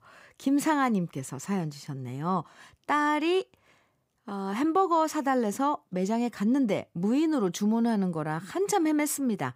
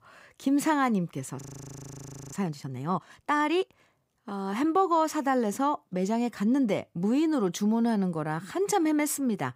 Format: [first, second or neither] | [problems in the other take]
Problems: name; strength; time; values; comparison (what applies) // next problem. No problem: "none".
first | audio freezing; at 1.5 s for 1 s